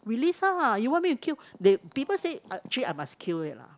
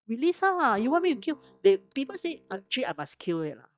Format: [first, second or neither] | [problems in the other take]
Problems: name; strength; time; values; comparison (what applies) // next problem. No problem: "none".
first | noise reduction (neural mask model DeepFilterNet 3)